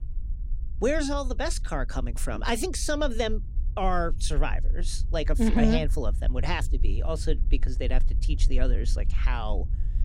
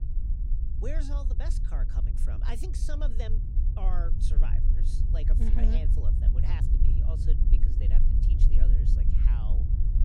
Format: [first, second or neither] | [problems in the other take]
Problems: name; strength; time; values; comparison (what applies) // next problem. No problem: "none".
first | low rumble; loud; throughout; 2 dB below the speech; faint in the first